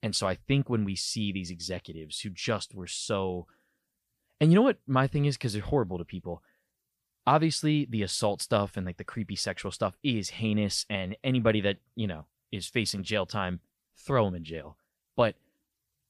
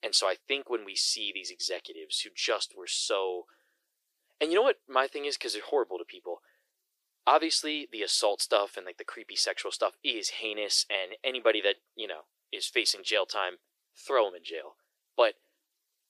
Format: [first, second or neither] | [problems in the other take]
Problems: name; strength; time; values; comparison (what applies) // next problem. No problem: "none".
first | thin; very; fading below 350 Hz